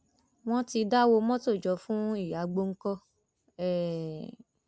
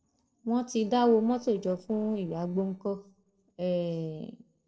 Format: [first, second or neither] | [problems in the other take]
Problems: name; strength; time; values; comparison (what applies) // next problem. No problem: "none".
first | noise reduction (neural separator model SepFormer DNS4)